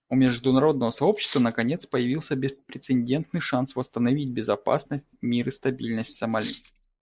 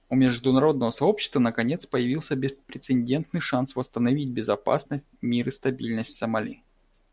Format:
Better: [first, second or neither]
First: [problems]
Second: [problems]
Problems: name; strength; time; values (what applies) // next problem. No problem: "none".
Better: second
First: noise reduction (neural mask model Resemble Enhance denoiser)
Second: none